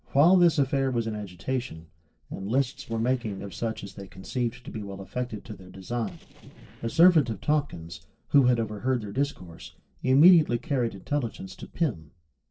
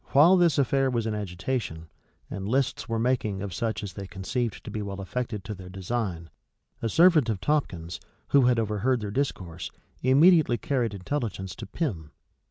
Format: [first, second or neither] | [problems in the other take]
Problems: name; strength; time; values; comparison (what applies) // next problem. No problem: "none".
second | noise reduction (neural separator model SepFormer DNS4)